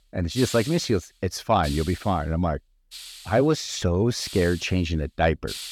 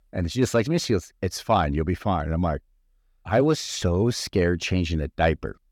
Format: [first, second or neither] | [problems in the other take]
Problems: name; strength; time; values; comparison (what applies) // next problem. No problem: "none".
second | hiss; noticeable; throughout; 15 dB below the speech